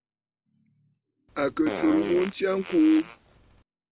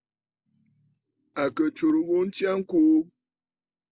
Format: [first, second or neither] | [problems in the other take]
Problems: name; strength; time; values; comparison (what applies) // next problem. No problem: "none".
second | background sound (Fart); 9 dB below the speech